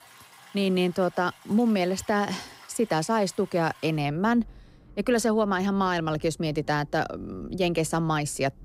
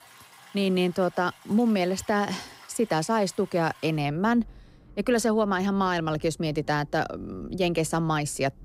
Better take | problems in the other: neither | rain or running water; faint; throughout; 25 dB below the speech; the same in both

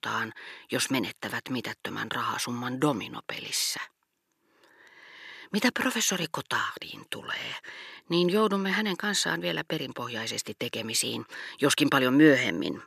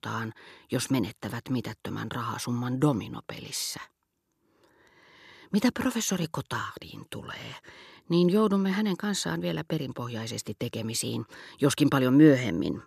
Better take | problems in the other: second | thin; very slightly; fading below 400 Hz

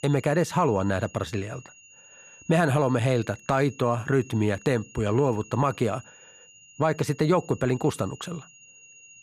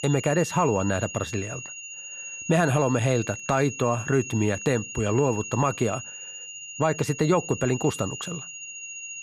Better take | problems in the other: first | high-pitched whine; loud; throughout; 2.5 kHz, 10 dB below the speech; faint in the first

